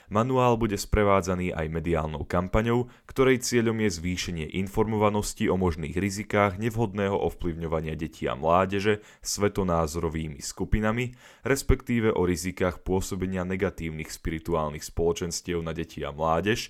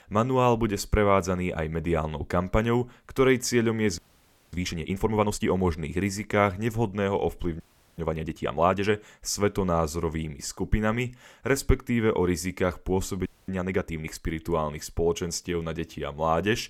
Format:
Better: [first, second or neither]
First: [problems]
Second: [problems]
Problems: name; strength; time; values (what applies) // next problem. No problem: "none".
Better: first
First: none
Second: audio freezing; at 4 s for 0.5 s, at 7.5 s and at 13 s